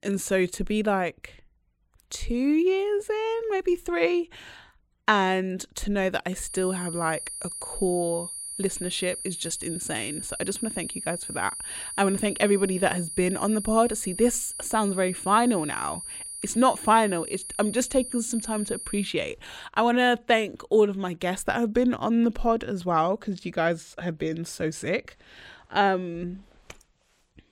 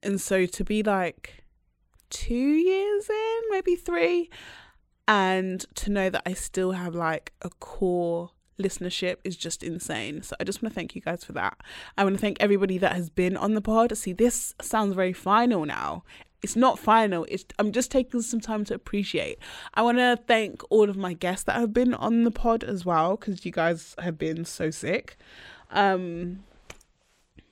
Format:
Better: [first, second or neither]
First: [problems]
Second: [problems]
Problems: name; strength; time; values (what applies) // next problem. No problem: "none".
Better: second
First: high-pitched whine; loud; from 6.5 to 19 s; 9.5 kHz, 8 dB below the speech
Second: none